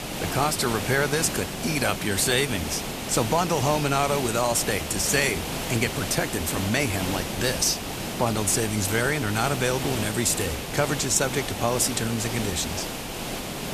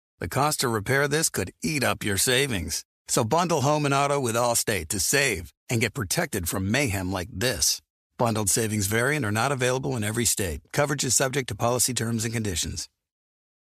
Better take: second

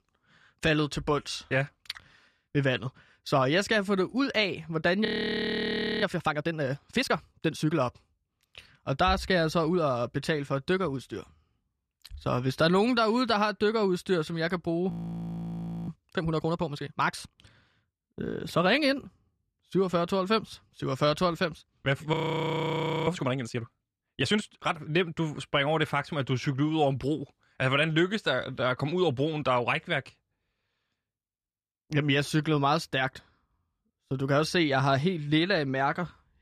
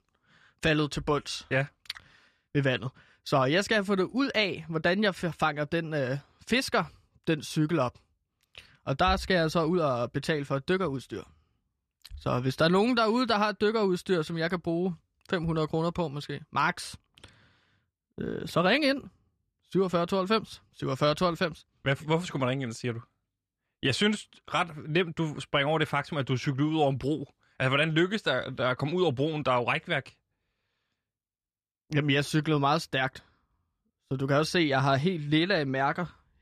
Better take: second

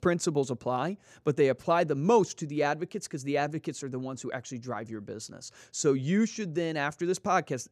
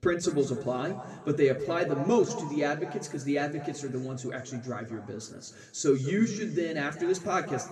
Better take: first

